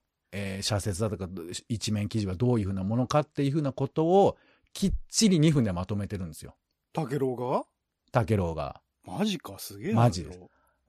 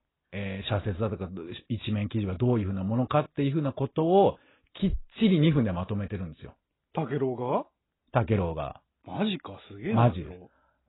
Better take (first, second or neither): first